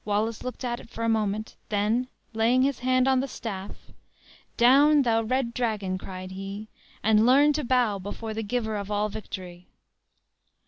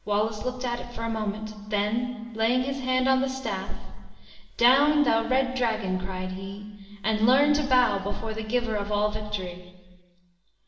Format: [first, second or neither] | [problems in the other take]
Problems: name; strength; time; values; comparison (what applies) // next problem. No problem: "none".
first | room echo; dies away in 1.3 s